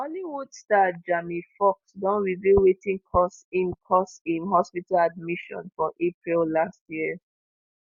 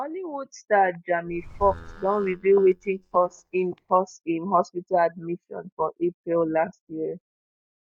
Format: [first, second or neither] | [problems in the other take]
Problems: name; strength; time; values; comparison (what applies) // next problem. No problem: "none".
first | noise reduction (neural mask model DeepFilterNet 3)